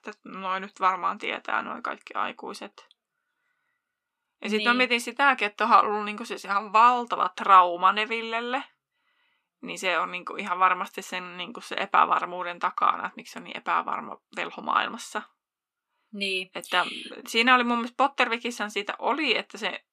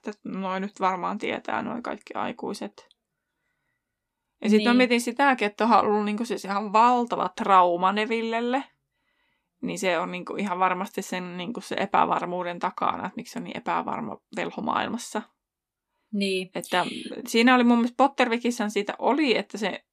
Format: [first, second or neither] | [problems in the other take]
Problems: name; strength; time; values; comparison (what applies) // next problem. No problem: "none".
second | thin; somewhat; fading below 800 Hz